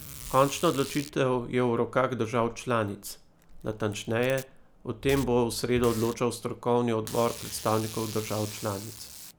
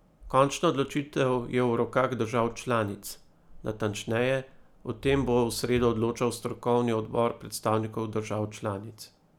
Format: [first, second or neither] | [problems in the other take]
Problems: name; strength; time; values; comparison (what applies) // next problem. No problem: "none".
second | background sound (Packing tape, duct tape); 17 dB below the speech